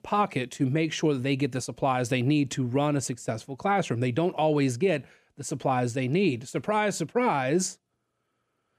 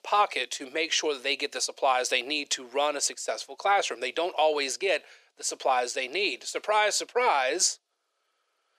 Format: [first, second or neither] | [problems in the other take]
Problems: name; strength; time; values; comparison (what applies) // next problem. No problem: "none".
first | thin; very; fading below 450 Hz